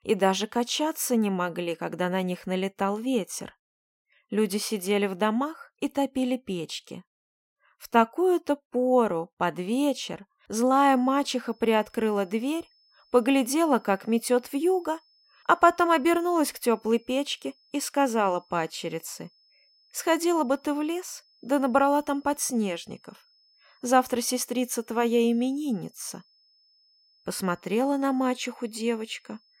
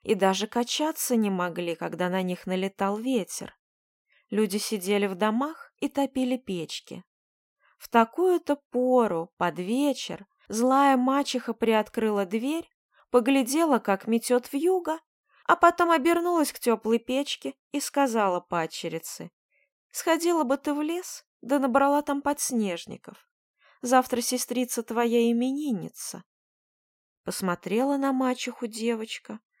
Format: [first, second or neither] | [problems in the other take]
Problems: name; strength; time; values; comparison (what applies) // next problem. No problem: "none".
second | high-pitched whine; faint; from 11 s on; 5 kHz, 35 dB below the speech